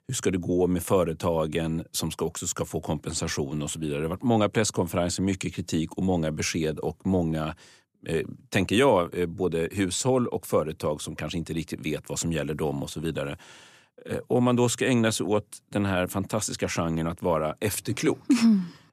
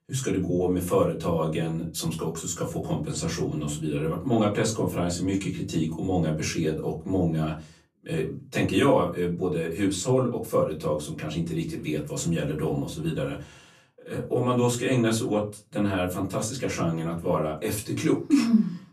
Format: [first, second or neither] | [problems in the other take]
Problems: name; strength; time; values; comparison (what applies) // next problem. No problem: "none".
first | off-mic speech; far // room echo; very slight; dies away in 0.3 s